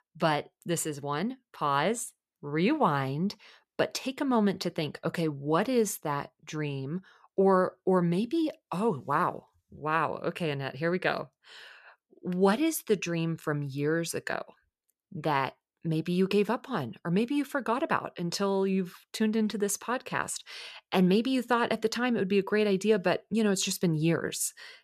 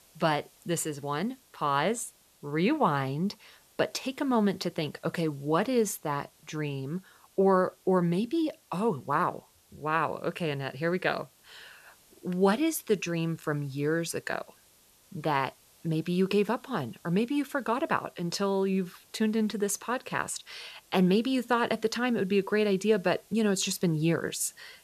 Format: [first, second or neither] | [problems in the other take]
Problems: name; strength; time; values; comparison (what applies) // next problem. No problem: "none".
first | hiss; faint; throughout; 30 dB below the speech